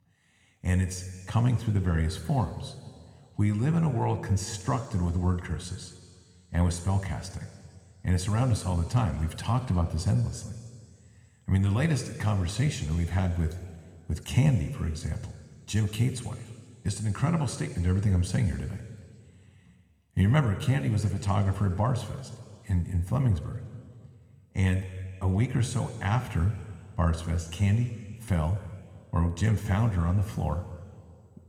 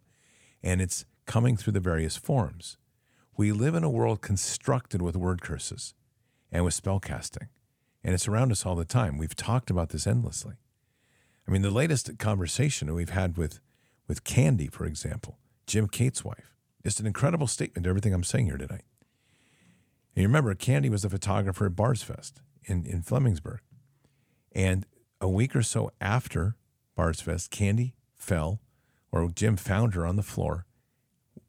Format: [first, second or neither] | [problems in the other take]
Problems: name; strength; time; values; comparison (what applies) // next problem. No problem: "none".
second | room echo; slight; dies away in 1.9 s